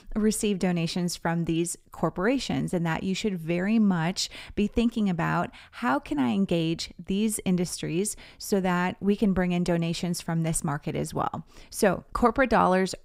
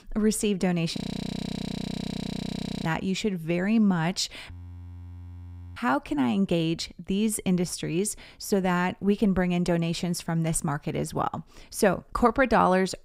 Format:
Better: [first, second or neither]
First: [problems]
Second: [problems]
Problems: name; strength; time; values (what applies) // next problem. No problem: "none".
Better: first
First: none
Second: audio freezing; at 1 s for 2 s and at 4.5 s for 1.5 s